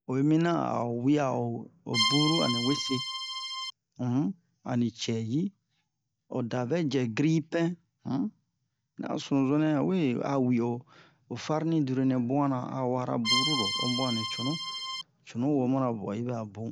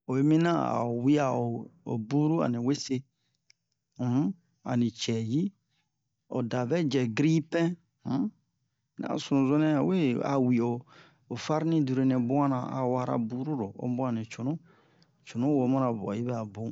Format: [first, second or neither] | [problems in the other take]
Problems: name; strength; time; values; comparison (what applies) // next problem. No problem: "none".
second | background sound (Accordion); 1 dB below the speech